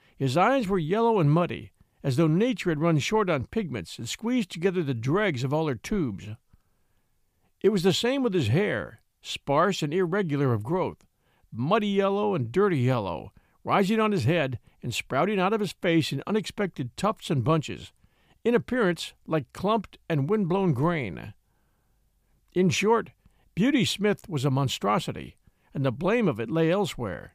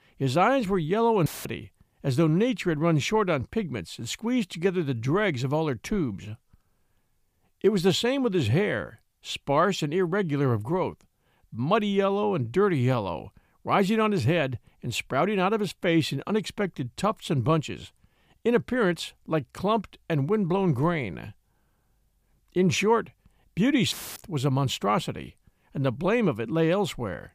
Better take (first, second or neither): first